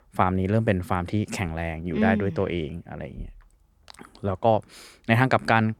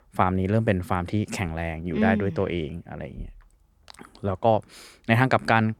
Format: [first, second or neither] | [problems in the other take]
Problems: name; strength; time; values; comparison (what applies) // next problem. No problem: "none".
neither | none